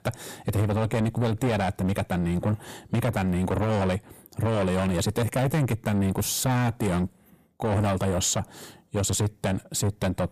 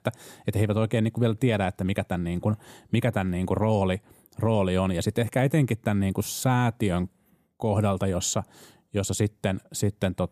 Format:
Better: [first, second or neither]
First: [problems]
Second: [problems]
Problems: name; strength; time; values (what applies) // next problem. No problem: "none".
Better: second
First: distortion; heavy; 6 dB below the speech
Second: none